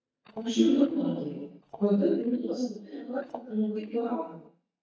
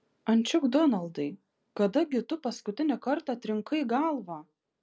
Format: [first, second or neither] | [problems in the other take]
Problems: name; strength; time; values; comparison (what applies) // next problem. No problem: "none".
second | noise reduction (neural mask model DeepFilterNet 3)